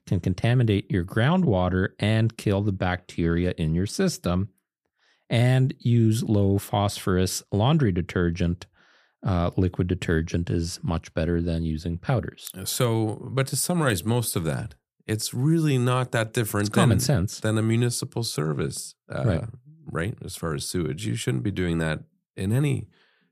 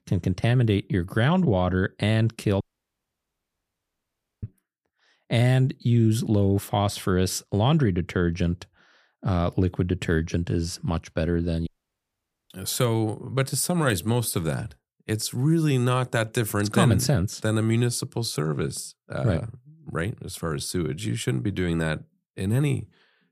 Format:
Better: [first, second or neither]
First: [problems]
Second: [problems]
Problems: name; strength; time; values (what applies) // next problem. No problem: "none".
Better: first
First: none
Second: audio cutting out; at 2.5 s for 2 s and at 12 s for 1 s